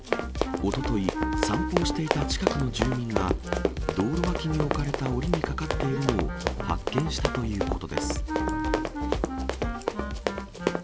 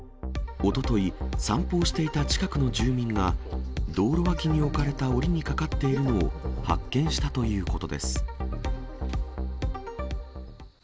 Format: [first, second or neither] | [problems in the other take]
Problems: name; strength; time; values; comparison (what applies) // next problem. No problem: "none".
second | background sound (Run + Wind instrument, woodwind instrument); 1 dB below the speech